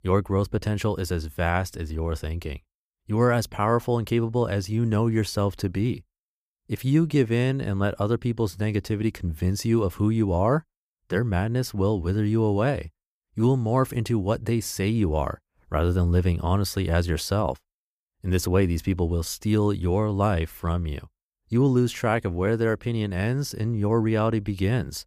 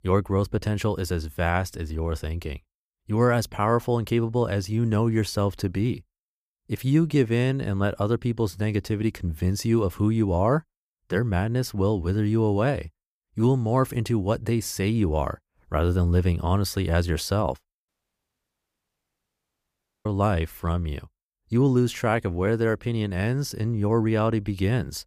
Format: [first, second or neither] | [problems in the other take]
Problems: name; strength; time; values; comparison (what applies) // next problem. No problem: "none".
first | audio cutting out; at 18 s for 2 s